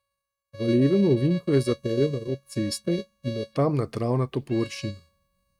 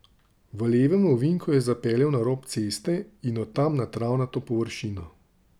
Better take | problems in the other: second | noise reduction (neural mask model RNNoise)

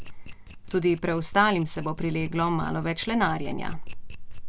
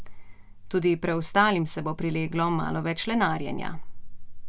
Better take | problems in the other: second | background sound (Domestic sounds, home sounds); 16 dB below the speech

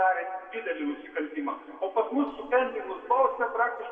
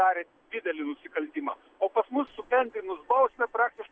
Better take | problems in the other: second | room echo; dies away in 1.9 s

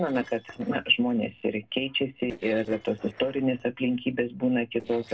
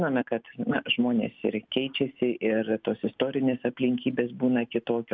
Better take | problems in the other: second | noise reduction (neural separator model SepFormer DNS4)

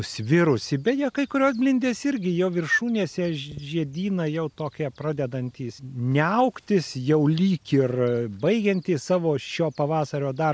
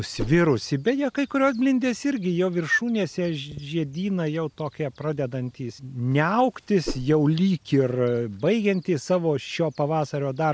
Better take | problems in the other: first | background sound (Whoosh, swoosh, swish); 8 dB below the speech

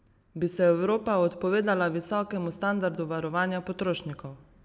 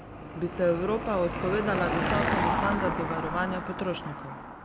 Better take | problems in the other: first | background sound (Car passing by / Engine); 1 dB below the speech

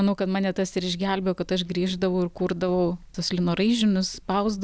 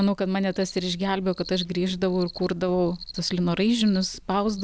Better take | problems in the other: first | background sound (Cricket); 19 dB below the speech

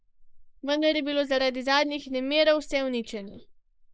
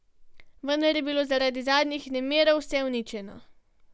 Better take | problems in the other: second | noise reduction (neural mask model Resemble Enhance denoiser)

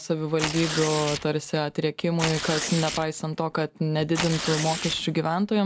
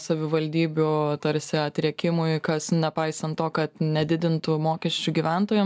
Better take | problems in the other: second | background sound (Tearing); 8 dB below the speech

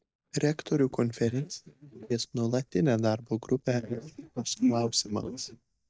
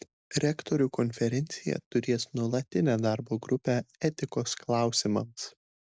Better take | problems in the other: second | noise reduction (neural mask model DeepFilterNet 3)

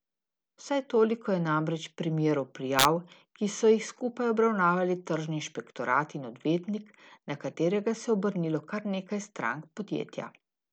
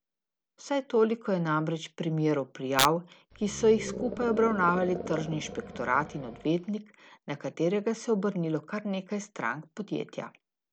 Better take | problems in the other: first | background sound (Animal); 9 dB below the speech

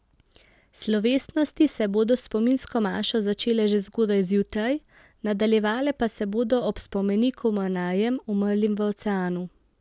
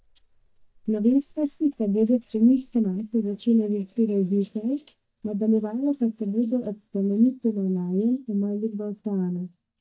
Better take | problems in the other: first | noise reduction (neural mask model DeepFilterNet 3)

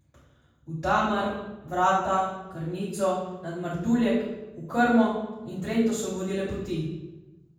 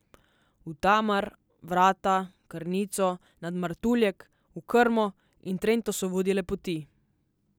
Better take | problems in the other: second | room echo; dies away in 1.2 s

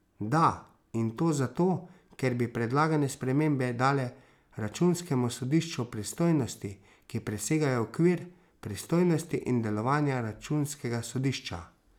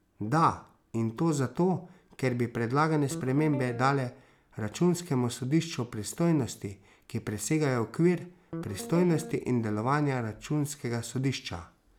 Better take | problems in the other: first | background sound (Guitar); 11 dB below the speech

